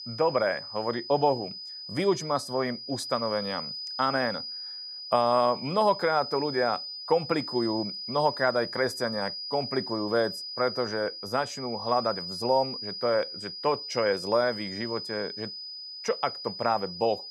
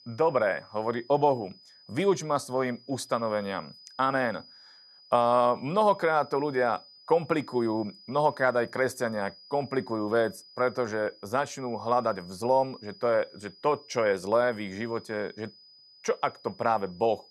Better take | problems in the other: second | high-pitched whine; loud; throughout; 5 kHz, 7 dB below the speech; faint in the second

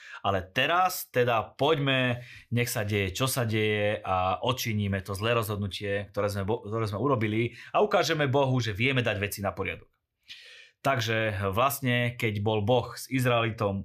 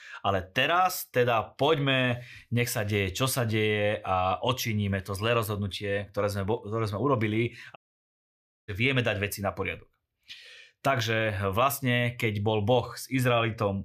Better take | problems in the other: first | audio cutting out; at 8 s for 1 s

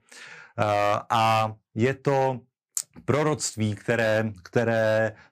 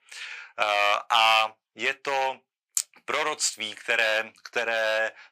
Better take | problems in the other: first | thin; very; fading below 800 Hz

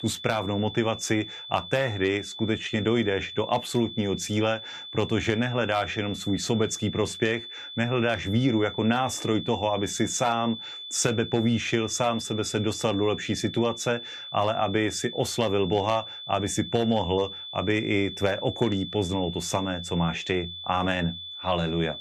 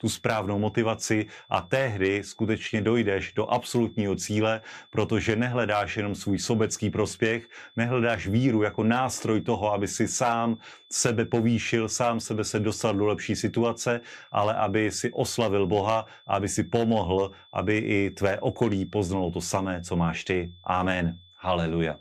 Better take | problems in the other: second | high-pitched whine; loud; throughout; 3.5 kHz, 10 dB below the speech; faint in the second

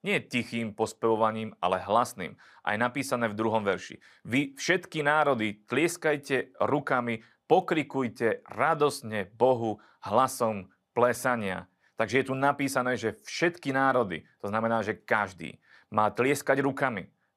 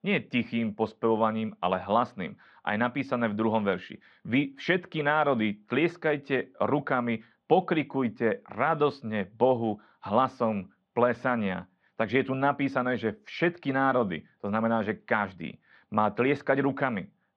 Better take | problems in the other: first | muffled; slightly; fading above 3.5 kHz

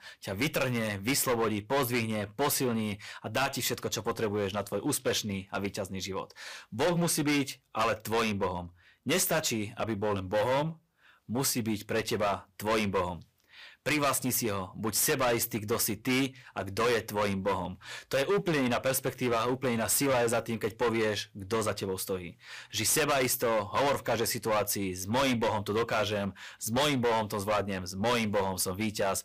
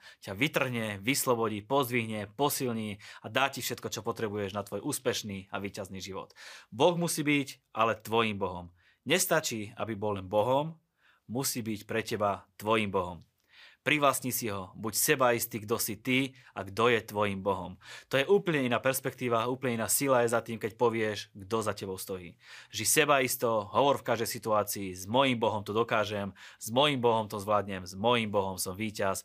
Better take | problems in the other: second | distortion; heavy; 12% of the sound clipped

